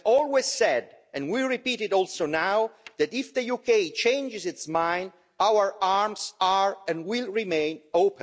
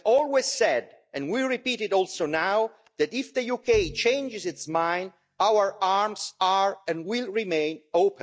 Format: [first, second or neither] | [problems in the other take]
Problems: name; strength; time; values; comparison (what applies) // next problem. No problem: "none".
first | noise reduction (neural mask model DeepFilterNet 3)